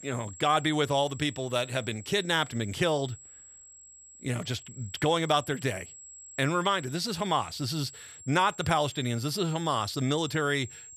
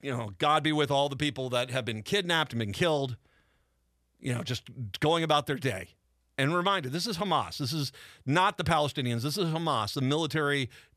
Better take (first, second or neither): second